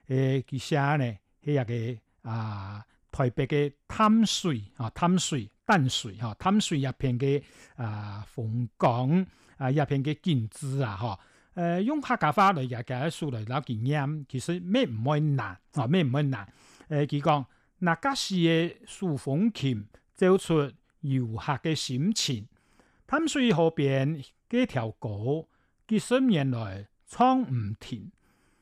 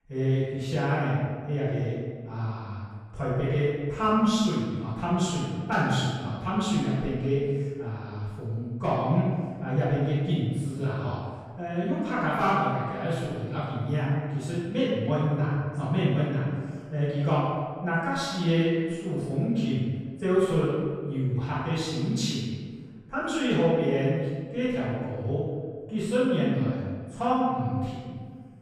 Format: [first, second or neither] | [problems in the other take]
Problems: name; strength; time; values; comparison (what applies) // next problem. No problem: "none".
first | room echo; strong; dies away in 1.5 s // off-mic speech; far